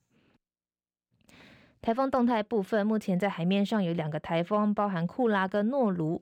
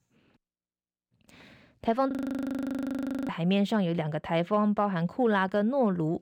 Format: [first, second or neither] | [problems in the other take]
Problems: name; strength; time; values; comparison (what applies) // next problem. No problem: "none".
first | audio freezing; at 2 s for 1 s